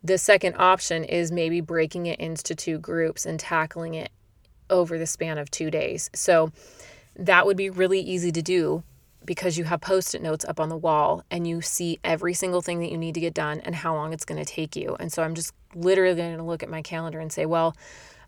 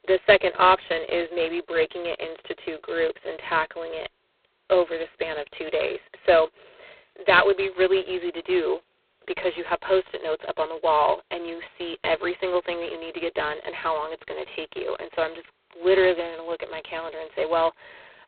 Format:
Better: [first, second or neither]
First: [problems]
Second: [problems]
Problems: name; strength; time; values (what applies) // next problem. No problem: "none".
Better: first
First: none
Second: phone-call audio; poor line; nothing above 4 kHz